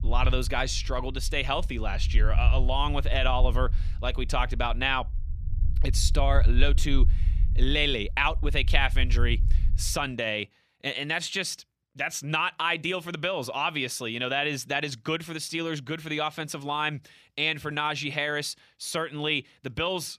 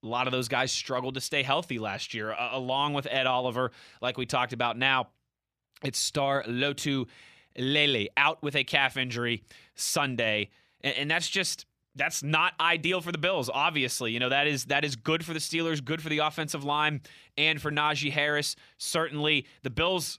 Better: second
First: low rumble; faint; until 10 s; 20 dB below the speech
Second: none

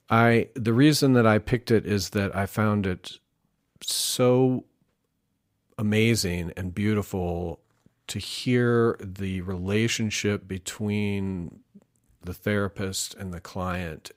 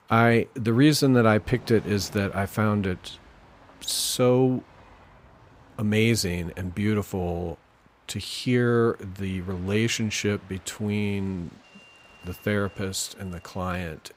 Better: first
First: none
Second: train or aircraft noise; faint; throughout; 25 dB below the speech

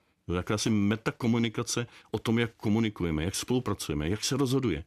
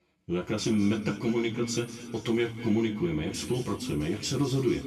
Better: first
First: none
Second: room echo; noticeable; dies away in 2 s // off-mic speech; far

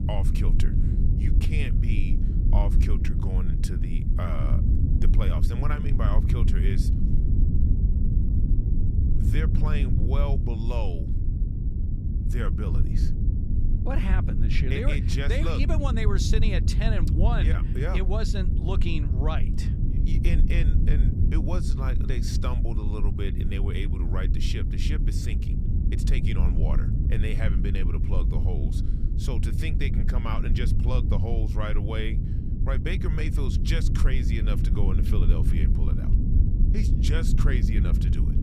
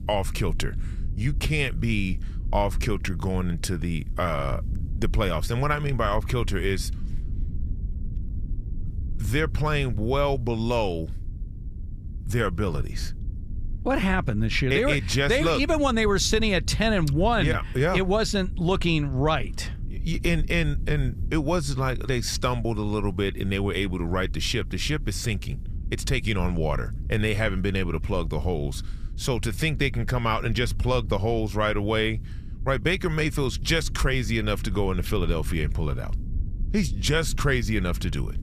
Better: second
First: low rumble; loud; throughout; 4 dB below the speech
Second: low rumble; faint; throughout; 25 dB below the speech

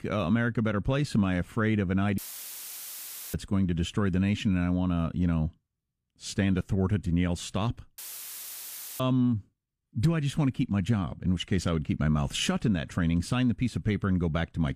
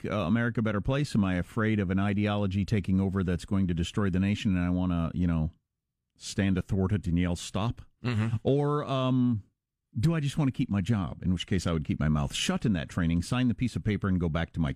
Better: second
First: audio cutting out; filled with static; at 2 s for 1 s and at 8 s for 1 s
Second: none

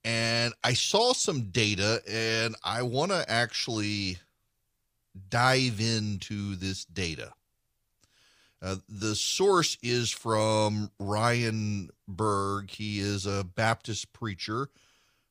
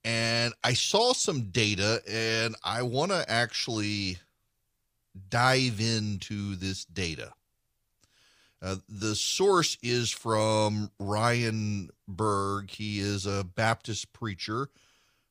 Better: neither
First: none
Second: none

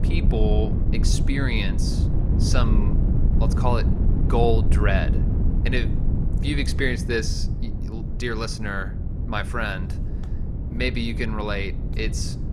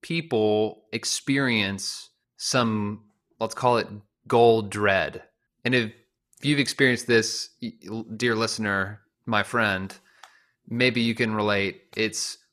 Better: second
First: wind noise on the microphone; heavy; 8 dB below the speech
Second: none

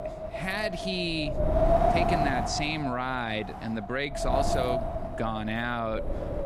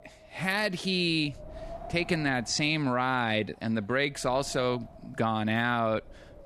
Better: second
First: wind noise on the microphone; heavy; 2 dB above the speech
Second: wind noise on the microphone; occasional gusts; 20 dB below the speech

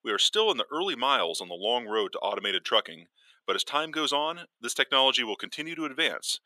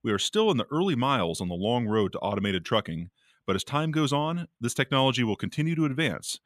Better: second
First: thin; very; fading below 400 Hz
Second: none

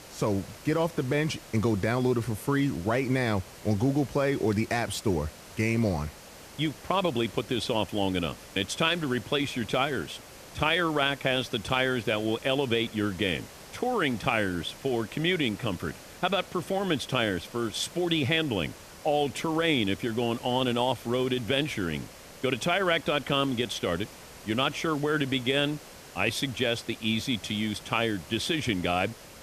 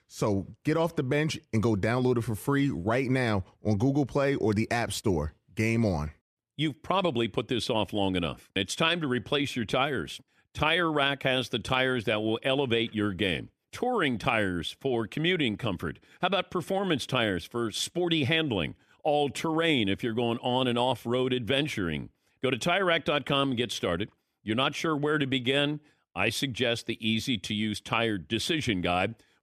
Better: second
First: hiss; noticeable; throughout; 20 dB below the speech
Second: none

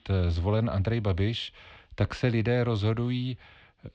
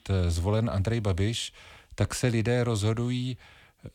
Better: second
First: muffled; very slightly; fading above 4 kHz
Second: none

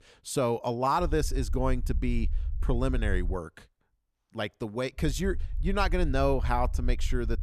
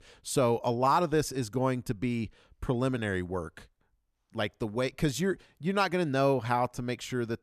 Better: second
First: low rumble; faint; from 1 to 3.5 s and from 5 s on; 25 dB below the speech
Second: none

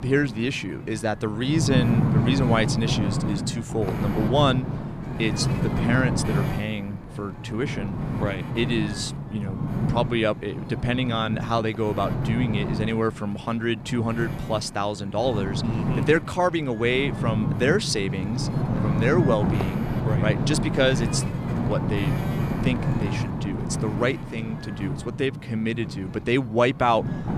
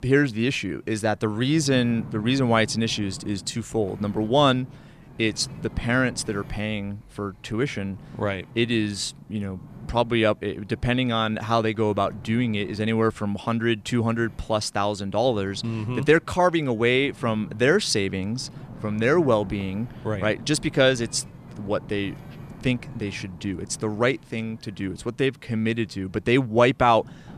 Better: second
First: wind noise on the microphone; heavy; 7 dB below the speech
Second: wind noise on the microphone; occasional gusts; 25 dB below the speech

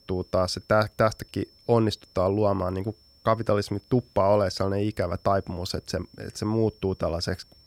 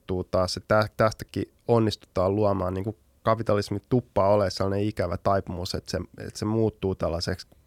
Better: second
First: high-pitched whine; faint; throughout; 5.5 kHz, 30 dB below the speech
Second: none

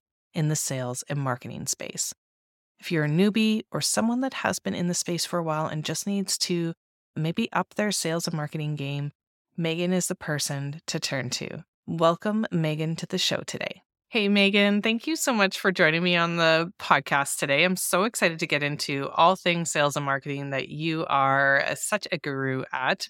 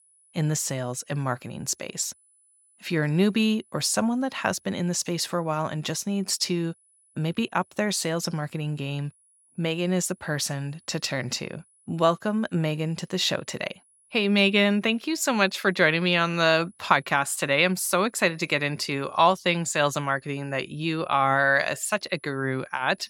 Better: first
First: none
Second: high-pitched whine; faint; throughout; 10.5 kHz, 35 dB below the speech

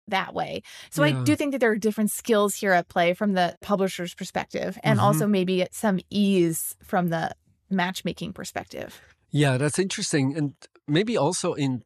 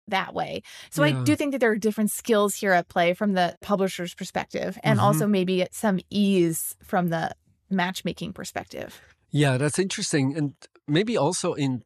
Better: neither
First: none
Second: none

